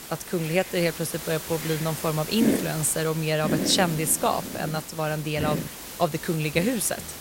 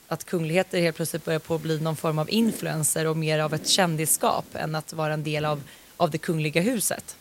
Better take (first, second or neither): second